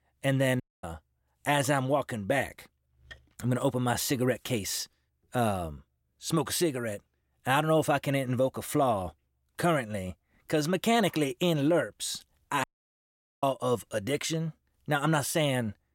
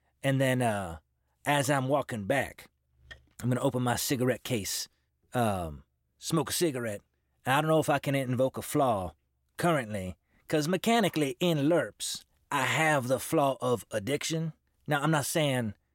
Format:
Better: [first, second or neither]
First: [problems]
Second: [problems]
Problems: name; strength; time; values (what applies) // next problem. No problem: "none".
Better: second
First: audio cutting out; at 0.5 s and at 13 s for 1 s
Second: none